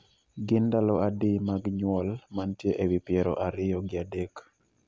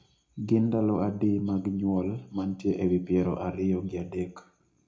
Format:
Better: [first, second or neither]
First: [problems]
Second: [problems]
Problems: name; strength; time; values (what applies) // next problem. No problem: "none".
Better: first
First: none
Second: room echo; dies away in 0.4 s